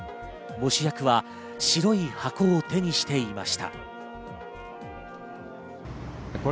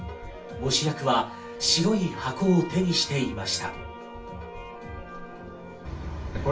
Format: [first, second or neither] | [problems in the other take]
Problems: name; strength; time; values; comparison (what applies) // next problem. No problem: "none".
first | room echo; dies away in 0.3 s